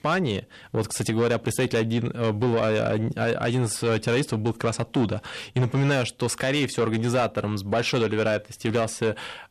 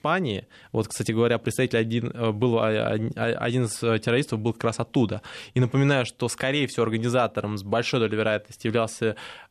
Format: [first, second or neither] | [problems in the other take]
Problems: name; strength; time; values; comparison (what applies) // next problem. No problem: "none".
second | distortion; slight; 10 dB below the speech